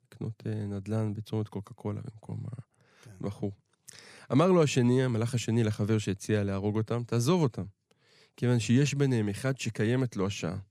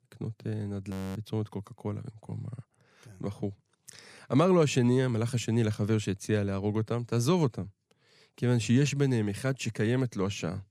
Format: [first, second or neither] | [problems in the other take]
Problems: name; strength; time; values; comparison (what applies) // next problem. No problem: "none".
first | audio freezing; at 1 s